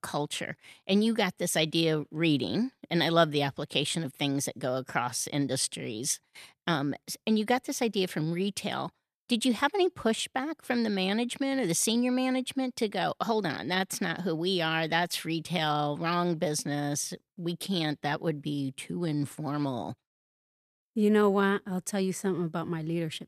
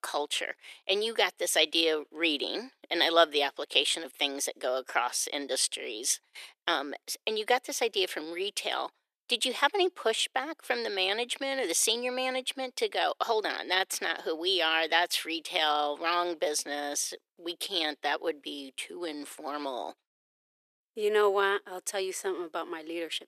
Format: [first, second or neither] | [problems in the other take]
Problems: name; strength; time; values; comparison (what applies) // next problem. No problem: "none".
first | thin; very; fading below 350 Hz